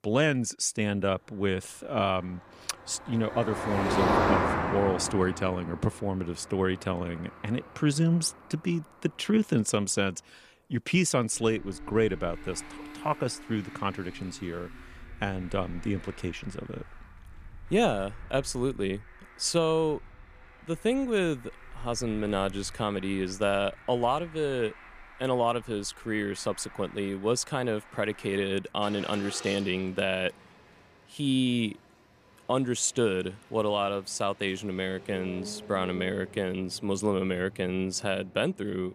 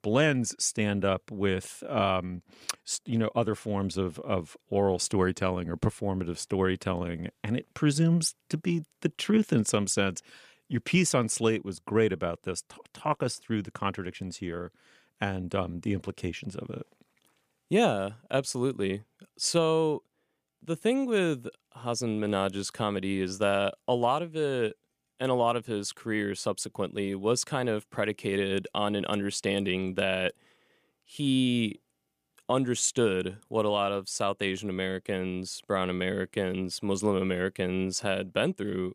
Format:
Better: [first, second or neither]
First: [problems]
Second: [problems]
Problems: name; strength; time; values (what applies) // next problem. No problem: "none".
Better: second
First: traffic noise; loud; throughout; 7 dB below the speech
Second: none